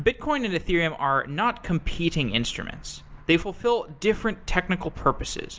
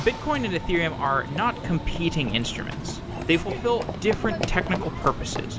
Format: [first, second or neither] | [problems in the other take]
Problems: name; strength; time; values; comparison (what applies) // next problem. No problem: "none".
first | background sound (Run / Train); 6 dB below the speech